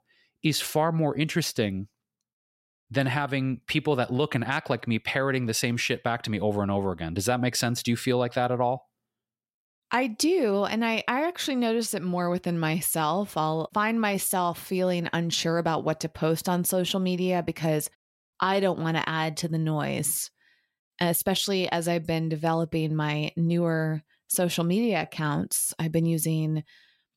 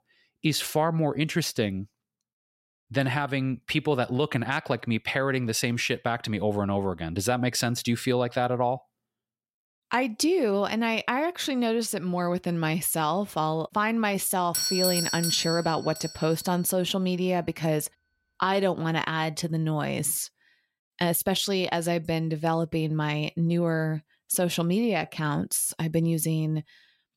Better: first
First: none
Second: doorbell; loud; from 15 to 16 s; peak 2 dB above the speech

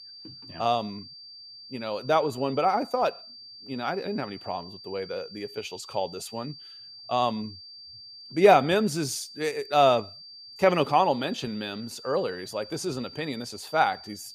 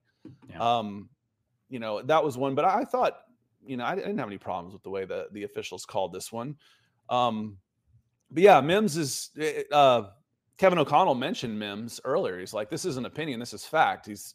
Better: second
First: high-pitched whine; noticeable; throughout; 4.5 kHz, 15 dB below the speech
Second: none

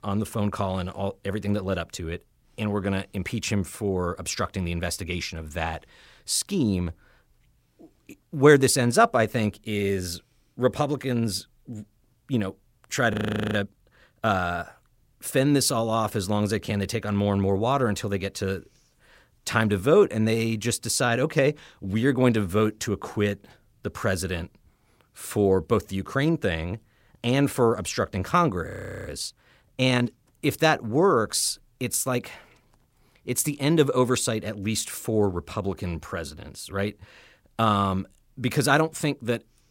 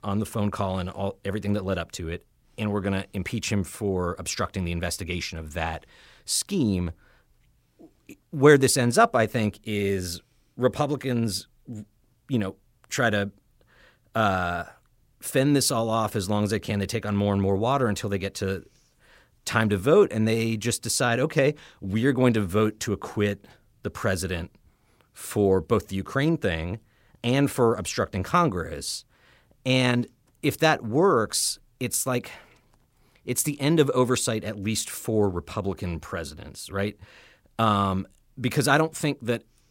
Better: second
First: audio freezing; at 13 s and at 29 s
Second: none

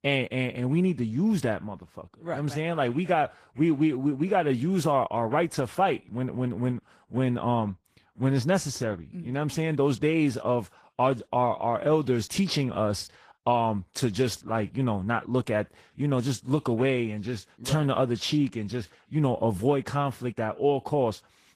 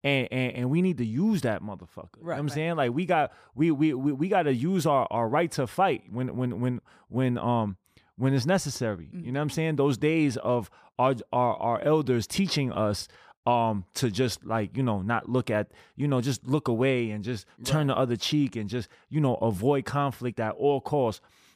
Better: second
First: garbled, watery; slightly; nothing above 15 kHz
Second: none

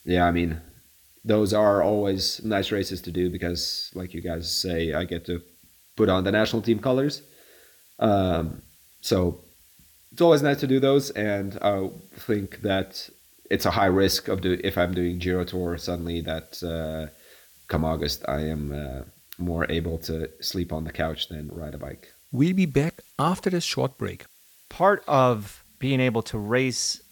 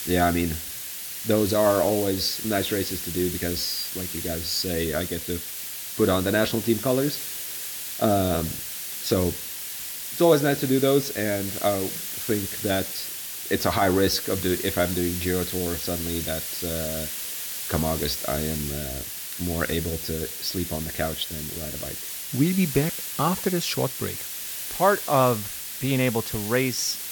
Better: first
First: hiss; faint; throughout; 30 dB below the speech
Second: hiss; loud; throughout; 5 dB below the speech

